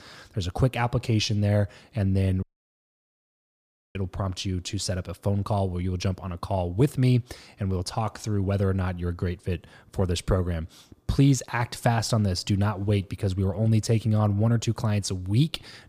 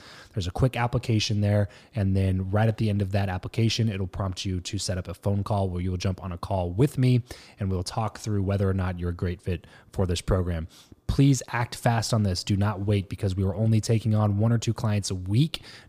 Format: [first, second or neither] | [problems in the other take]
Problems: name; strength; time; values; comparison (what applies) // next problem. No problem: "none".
second | audio cutting out; at 2.5 s for 1.5 s